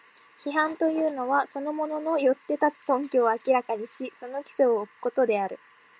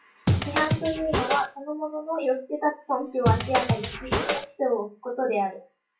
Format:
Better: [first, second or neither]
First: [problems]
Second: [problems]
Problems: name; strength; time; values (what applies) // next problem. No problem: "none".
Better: first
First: none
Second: noise reduction (classical method WPE with log-MMSE)